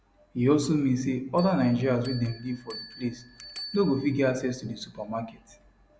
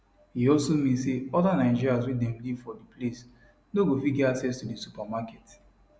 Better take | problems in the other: second | background sound (Bell); 19 dB below the speech

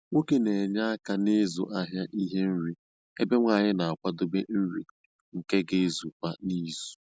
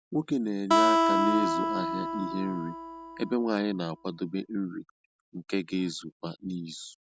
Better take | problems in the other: first | background sound (Acoustic guitar); 4 dB above the speech

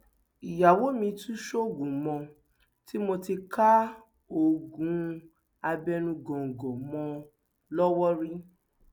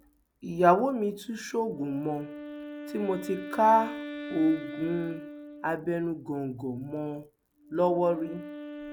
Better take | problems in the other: first | background sound (Wind instrument, woodwind instrument); 13 dB below the speech

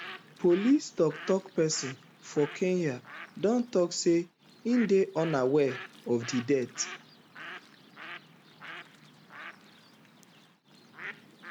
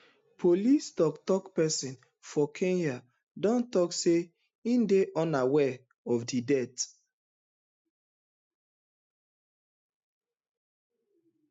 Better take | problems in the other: second | background sound (Bird); 16 dB below the speech

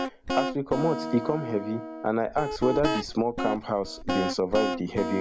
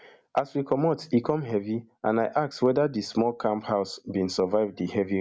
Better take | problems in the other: second | background sound (Guitar); 4 dB below the speech

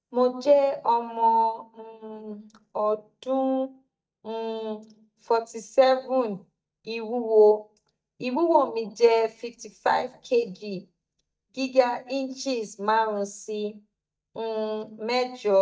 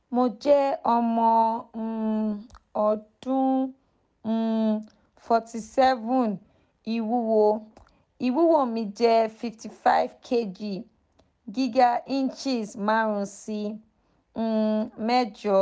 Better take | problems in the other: second | noise reduction (neural mask model DeepFilterNet 3)

